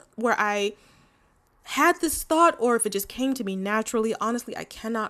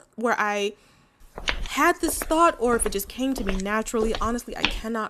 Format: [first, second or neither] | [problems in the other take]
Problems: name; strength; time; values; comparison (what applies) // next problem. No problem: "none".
first | footsteps; noticeable; from 1.5 s on; peak 2 dB below the speech